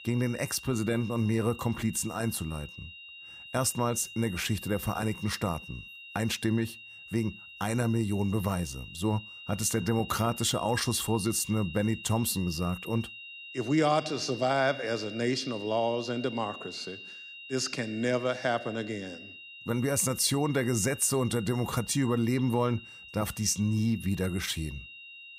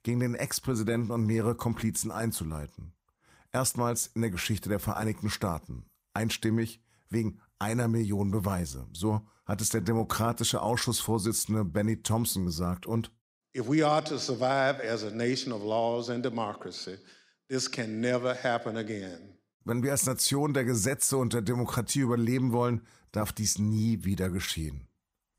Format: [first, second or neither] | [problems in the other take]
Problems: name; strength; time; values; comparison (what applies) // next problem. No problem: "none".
second | high-pitched whine; noticeable; throughout; 3 kHz, 15 dB below the speech